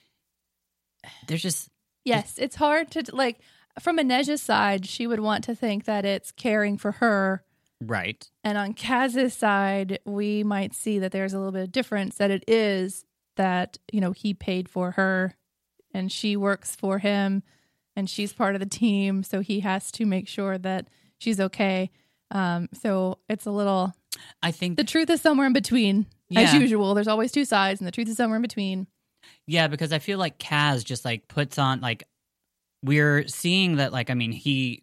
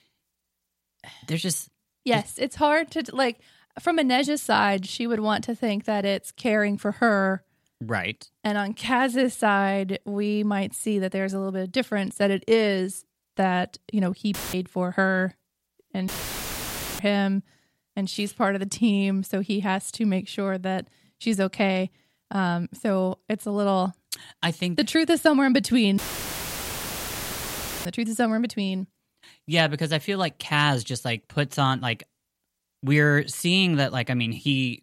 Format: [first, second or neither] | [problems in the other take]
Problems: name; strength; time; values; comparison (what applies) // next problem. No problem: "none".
first | audio cutting out; filled with static; at 14 s, at 16 s for 1 s and at 26 s for 2 s